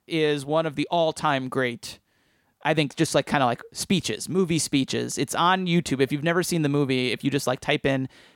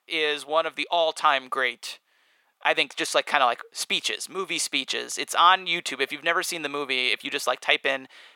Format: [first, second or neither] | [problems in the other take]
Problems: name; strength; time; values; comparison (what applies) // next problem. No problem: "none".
first | thin; very; fading below 650 Hz